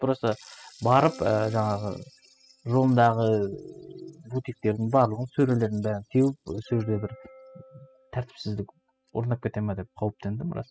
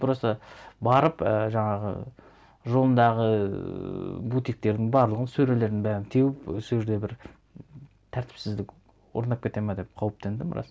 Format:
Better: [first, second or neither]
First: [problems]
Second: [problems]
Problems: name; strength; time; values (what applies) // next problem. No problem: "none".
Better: second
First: noise reduction (classical method spectral subtraction)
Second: none